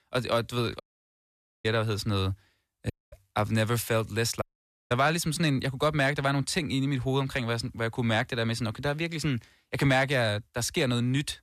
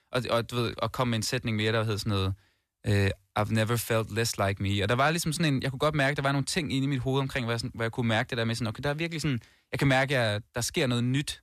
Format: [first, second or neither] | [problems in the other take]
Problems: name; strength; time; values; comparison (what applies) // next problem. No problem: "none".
second | audio cutting out; at 1 s for 1 s, at 3 s and at 4.5 s